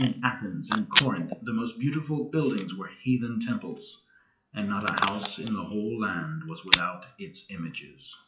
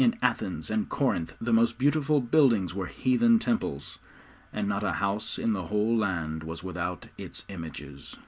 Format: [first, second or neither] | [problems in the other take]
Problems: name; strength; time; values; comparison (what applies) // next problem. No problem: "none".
second | noise reduction (classical method WPE with log-MMSE)